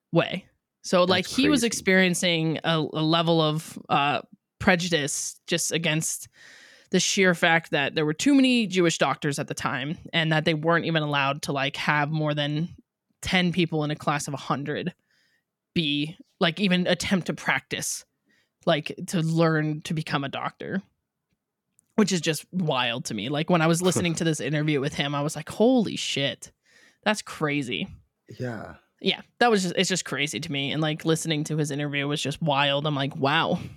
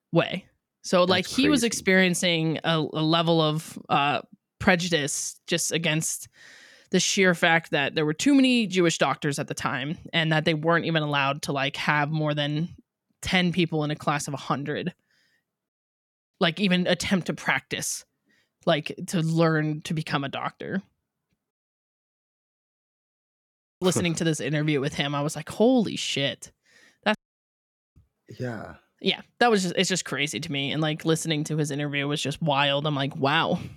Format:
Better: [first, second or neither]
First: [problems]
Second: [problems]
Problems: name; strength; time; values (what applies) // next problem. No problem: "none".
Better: first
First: none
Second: audio cutting out; at 16 s for 0.5 s, at 22 s for 2.5 s and at 27 s for 1 s